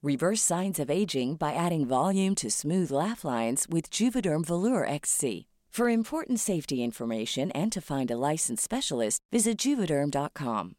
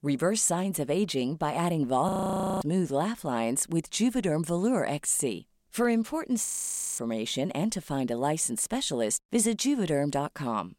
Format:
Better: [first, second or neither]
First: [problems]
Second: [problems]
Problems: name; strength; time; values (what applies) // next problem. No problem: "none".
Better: first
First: none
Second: audio freezing; at 2 s for 0.5 s and at 6.5 s for 0.5 s